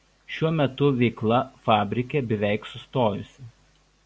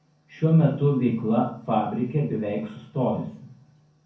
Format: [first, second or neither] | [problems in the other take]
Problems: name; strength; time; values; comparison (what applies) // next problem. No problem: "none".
first | room echo; dies away in 0.6 s